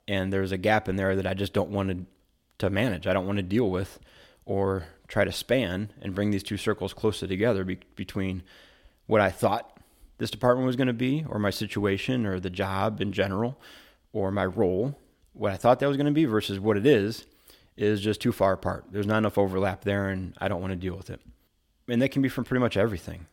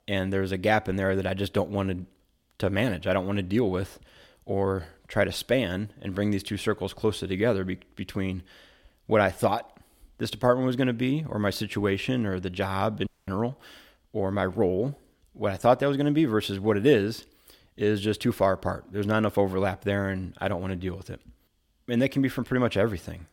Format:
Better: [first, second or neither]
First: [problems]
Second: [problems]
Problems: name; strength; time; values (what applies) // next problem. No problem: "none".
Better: first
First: none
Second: audio cutting out; at 13 s